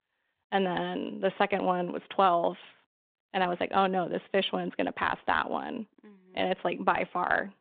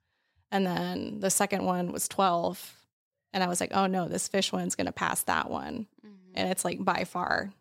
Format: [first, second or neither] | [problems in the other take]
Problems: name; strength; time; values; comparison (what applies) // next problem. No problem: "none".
second | phone-call audio